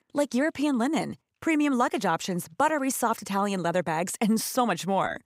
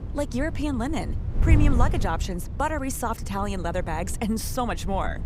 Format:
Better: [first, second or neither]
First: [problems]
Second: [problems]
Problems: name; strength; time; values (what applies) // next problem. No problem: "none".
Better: first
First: none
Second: wind noise on the microphone; occasional gusts; 15 dB below the speech